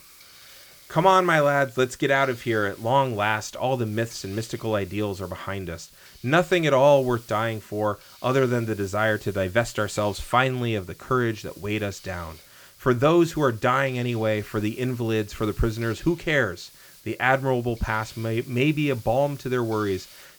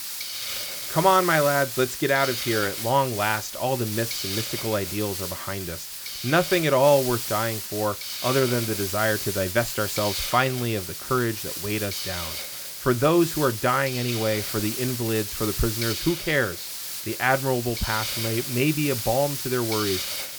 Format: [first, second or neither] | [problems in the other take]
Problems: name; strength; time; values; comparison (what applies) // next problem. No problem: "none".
first | hiss; loud; throughout; 5 dB below the speech; faint in the first